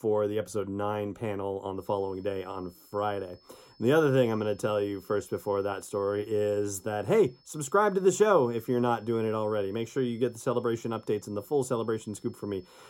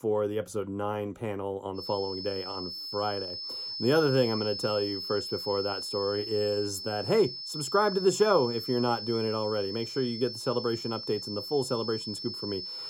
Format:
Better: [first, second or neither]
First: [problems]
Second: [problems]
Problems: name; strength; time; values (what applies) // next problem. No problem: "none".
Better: first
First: high-pitched whine; faint; from 2 s on; 5.5 kHz, 30 dB below the speech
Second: high-pitched whine; loud; from 2 s on; 5.5 kHz, 5 dB below the speech